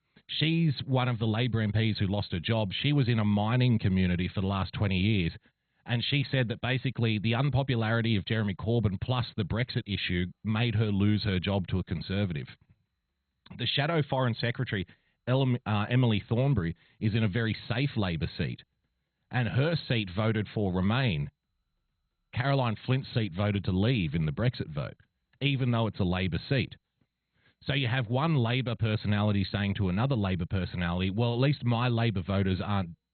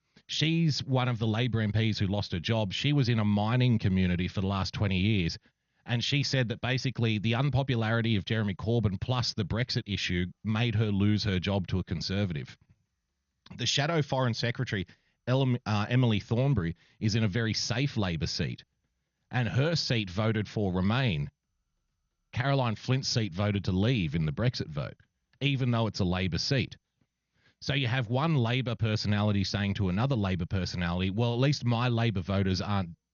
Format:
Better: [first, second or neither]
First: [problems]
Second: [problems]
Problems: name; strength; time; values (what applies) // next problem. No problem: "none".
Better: second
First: garbled, watery; badly; nothing above 4 kHz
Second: garbled, watery; slightly; nothing above 6.5 kHz